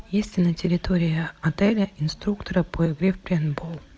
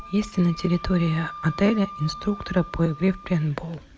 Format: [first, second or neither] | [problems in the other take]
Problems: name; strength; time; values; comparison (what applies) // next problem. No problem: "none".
first | background sound (Wind instrument, woodwind instrument); 16 dB below the speech